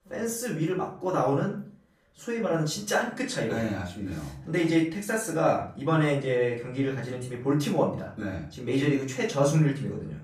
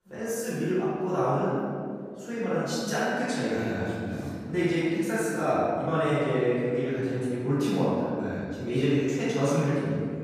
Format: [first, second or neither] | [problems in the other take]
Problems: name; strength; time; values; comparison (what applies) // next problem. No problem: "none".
first | room echo; strong; dies away in 2 s; slight in the first // off-mic speech; far; far in the first